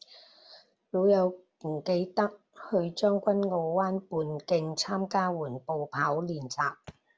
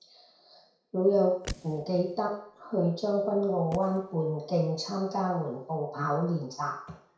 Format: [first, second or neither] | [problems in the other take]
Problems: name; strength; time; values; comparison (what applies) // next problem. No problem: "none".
first | background sound (Fireworks); 18 dB below the speech // room echo; dies away in 0.6 s